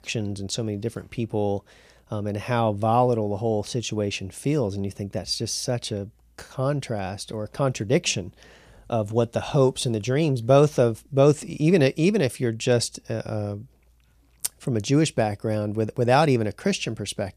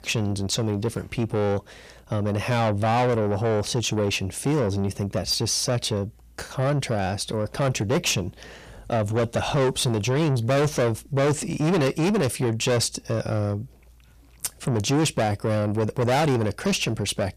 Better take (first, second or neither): first